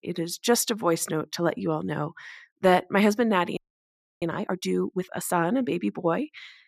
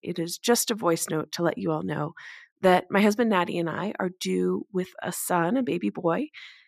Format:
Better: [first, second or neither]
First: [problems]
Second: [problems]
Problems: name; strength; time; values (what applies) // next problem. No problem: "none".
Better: second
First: audio freezing; at 3.5 s for 0.5 s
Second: none